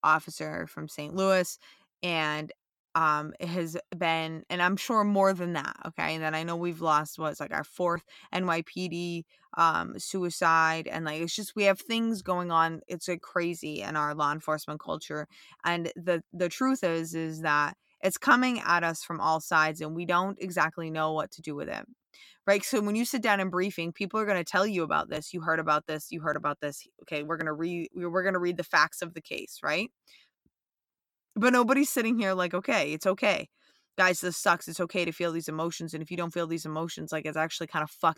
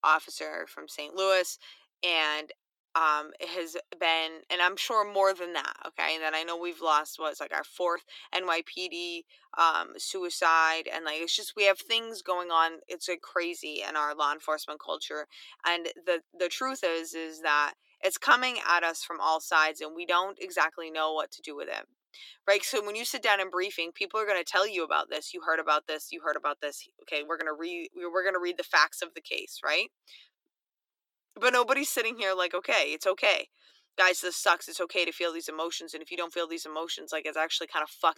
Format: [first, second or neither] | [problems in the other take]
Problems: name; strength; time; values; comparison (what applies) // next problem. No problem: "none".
first | thin; very; fading below 350 Hz